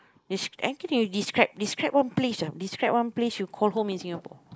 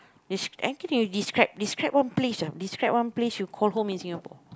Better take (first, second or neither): second